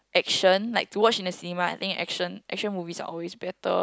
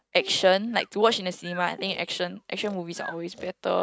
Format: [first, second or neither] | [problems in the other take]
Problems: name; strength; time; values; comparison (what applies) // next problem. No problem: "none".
first | noise reduction (neural mask model RNNoise)